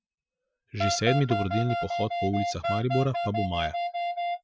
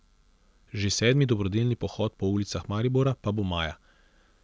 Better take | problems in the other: second | noise reduction (classical method Wiener filter)

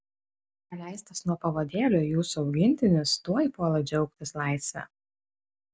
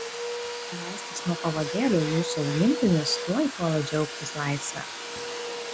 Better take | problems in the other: first | background sound (Domestic sounds, home sounds); 6 dB below the speech

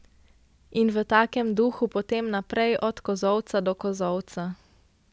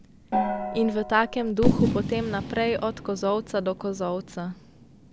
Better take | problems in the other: first | background sound (Gong + Fireworks); 2 dB below the speech

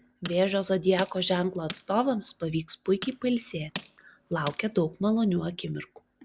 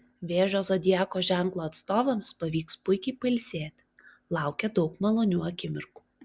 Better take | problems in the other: second | background sound (Tools); 16 dB below the speech

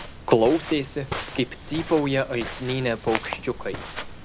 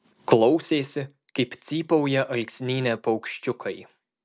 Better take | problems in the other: second | background sound (Walk, footsteps); 10 dB below the speech

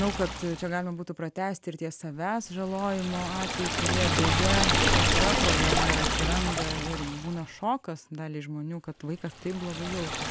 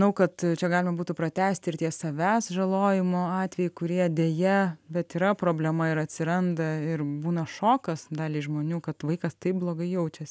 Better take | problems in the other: second | background sound (Liquid); 3 dB above the speech

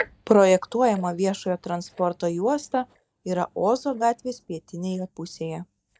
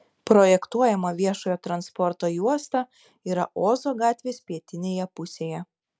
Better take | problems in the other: second | noise reduction (neural mask model DeepFilterNet 3)

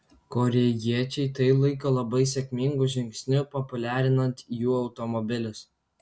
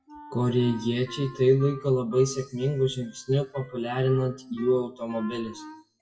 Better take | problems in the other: first | noise reduction (classical method WPE with log-MMSE)

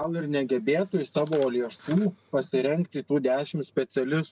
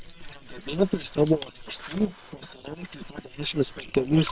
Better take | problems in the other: first | noise reduction (neural separator model SepFormer WHAM!)

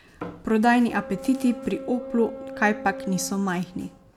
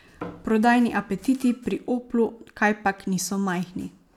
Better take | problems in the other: second | background sound (Boat, Water vehicle); 13 dB below the speech

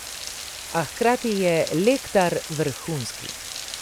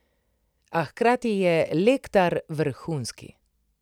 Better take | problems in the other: second | background sound (Rain); 11 dB below the speech

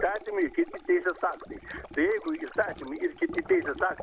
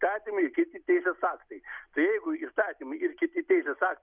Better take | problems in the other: second | background sound (Stream); 14 dB below the speech

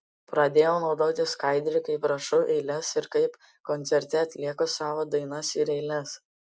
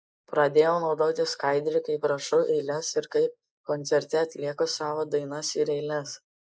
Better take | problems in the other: first | noise reduction (neural mask model Resemble Enhance denoiser)

